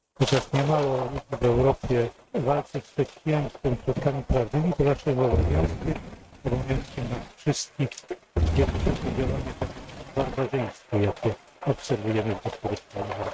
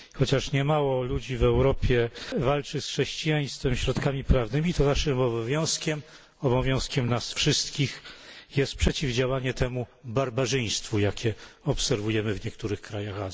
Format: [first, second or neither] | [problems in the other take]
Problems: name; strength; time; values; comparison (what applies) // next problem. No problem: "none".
second | noise reduction (neural mask model RNNoise)